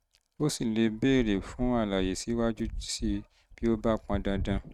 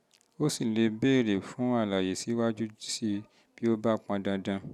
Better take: second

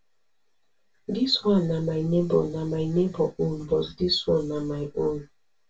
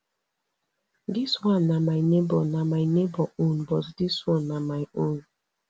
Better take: second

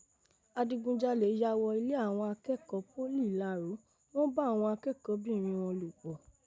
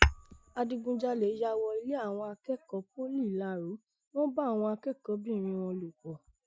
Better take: first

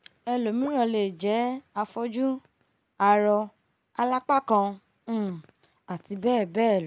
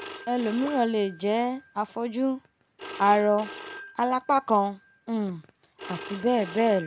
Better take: first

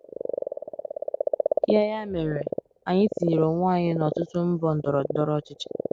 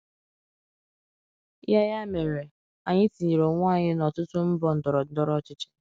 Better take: second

